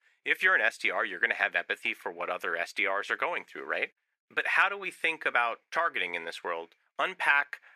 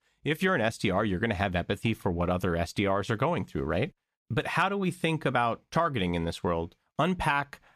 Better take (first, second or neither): second